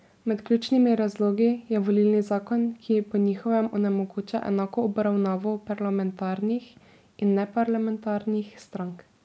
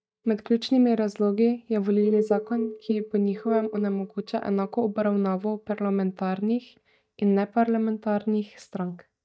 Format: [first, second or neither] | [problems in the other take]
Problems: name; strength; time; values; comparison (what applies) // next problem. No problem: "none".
first | noise reduction (neural mask model DeepFilterNet 3)